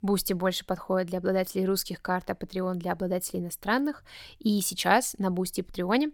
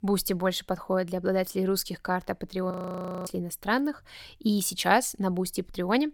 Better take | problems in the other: first | audio freezing; at 2.5 s for 0.5 s

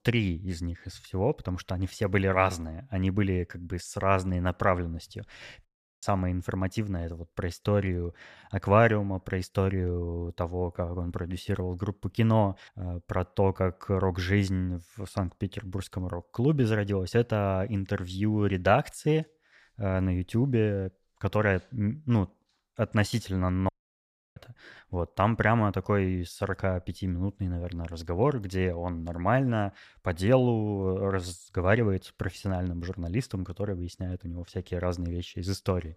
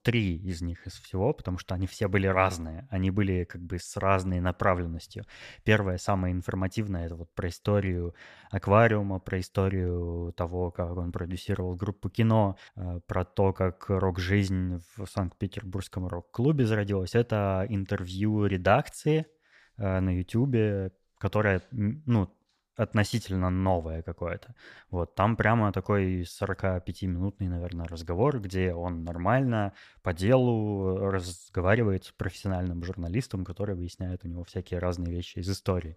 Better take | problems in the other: second | audio cutting out; at 5.5 s and at 24 s for 0.5 s

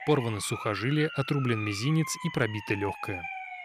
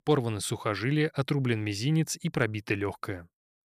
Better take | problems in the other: second | siren; noticeable; peak 7 dB below the speech

